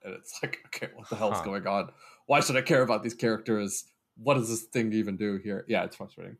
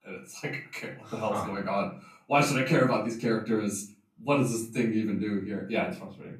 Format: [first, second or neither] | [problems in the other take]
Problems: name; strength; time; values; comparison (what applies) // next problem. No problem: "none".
first | off-mic speech; far // room echo; slight; dies away in 0.3 s